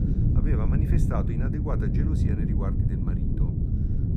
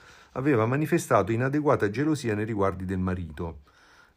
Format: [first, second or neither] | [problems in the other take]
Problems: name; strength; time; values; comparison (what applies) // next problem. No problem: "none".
second | wind noise on the microphone; heavy; 2 dB above the speech